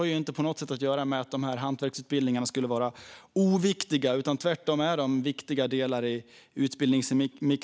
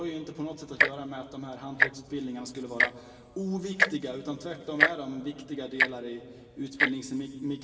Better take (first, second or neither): first